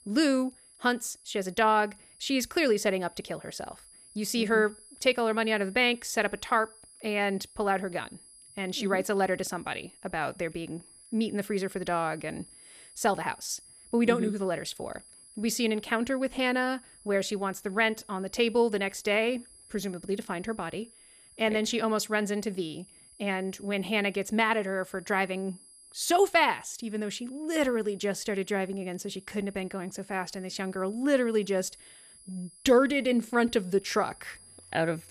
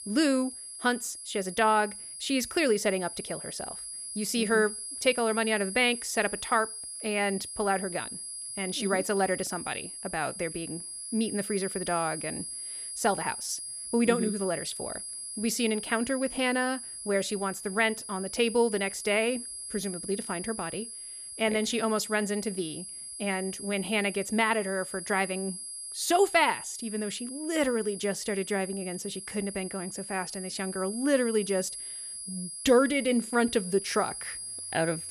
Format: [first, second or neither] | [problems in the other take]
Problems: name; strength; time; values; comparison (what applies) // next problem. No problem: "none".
first | high-pitched whine; loud; throughout; 10.5 kHz, 8 dB below the speech; faint in the first